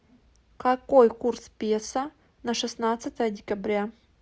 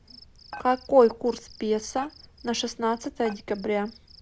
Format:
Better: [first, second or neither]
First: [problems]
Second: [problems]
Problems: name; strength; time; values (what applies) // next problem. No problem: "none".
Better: first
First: none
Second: background sound (Dishes, pots, and pans + Cricket); 20 dB below the speech